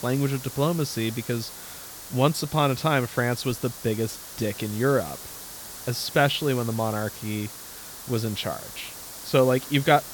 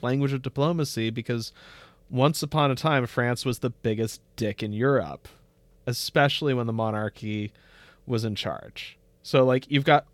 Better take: second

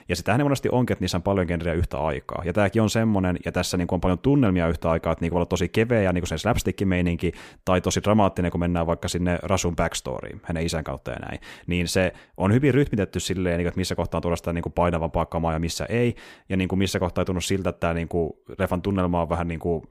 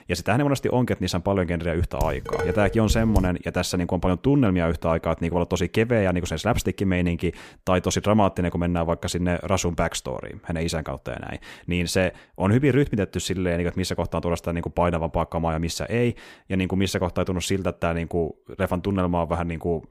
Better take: first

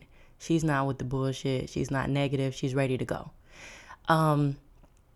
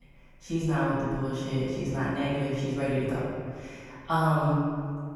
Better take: first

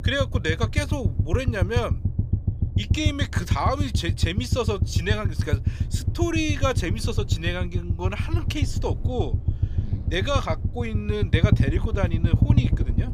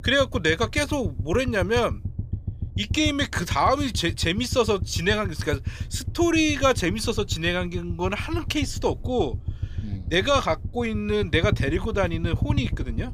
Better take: second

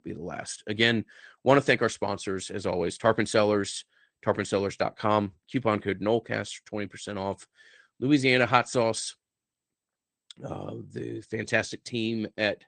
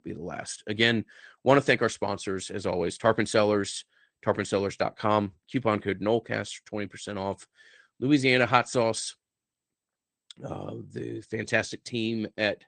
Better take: neither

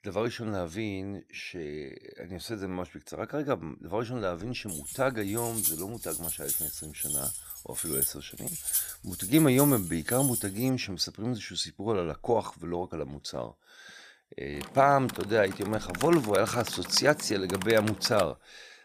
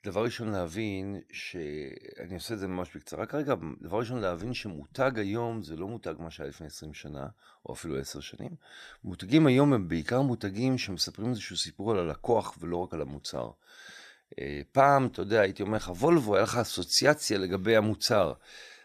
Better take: second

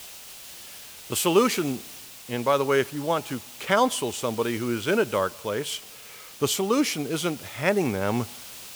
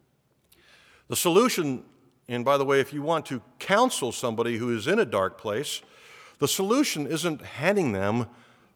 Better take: second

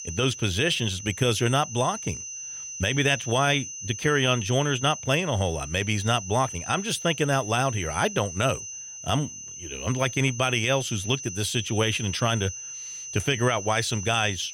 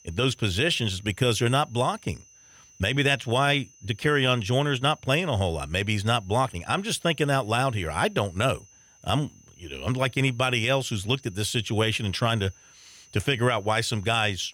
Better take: second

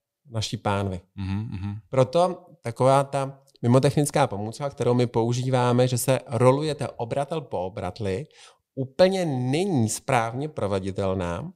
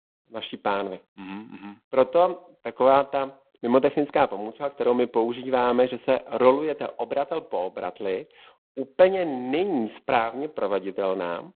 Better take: first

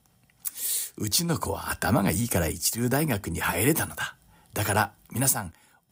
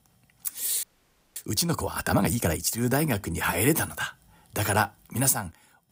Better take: first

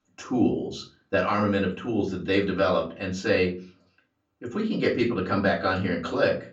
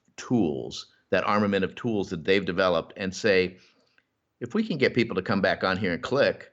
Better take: second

